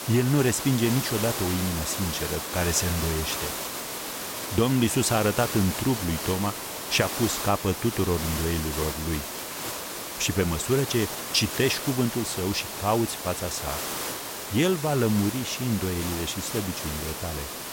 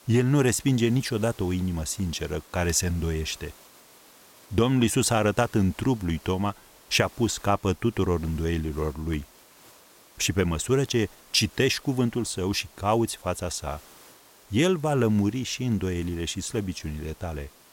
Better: second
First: hiss; loud; throughout; 5 dB below the speech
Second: hiss; faint; throughout; 25 dB below the speech

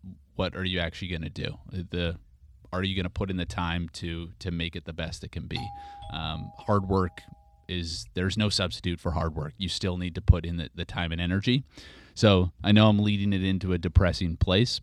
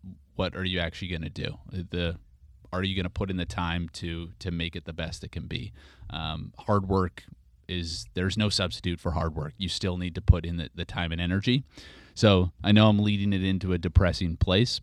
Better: second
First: doorbell; faint; from 5.5 to 7 s; peak 15 dB below the speech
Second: none

